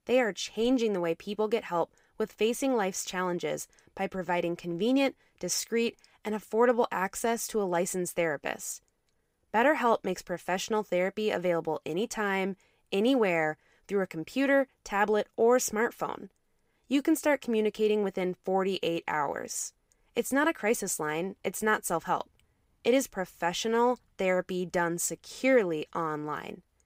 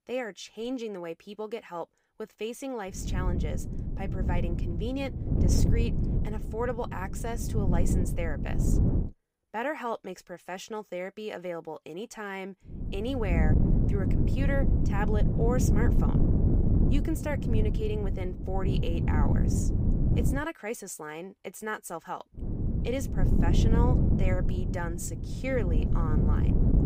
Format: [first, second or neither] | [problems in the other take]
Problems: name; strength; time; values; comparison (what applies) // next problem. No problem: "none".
first | wind noise on the microphone; heavy; from 3 to 9 s, from 13 to 20 s and from 22 s on; 2 dB below the speech